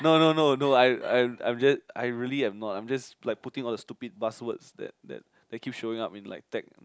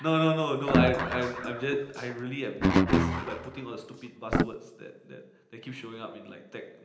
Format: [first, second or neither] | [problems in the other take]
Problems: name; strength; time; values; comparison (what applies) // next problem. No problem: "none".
first | background sound (Guitar); 4 dB above the speech // room echo; dies away in 0.8 s